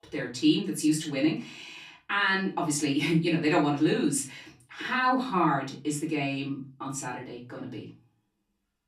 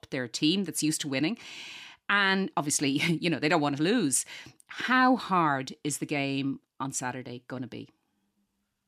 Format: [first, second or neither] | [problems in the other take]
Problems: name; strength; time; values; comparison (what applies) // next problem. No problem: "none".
second | off-mic speech; far // room echo; slight; dies away in 0.3 s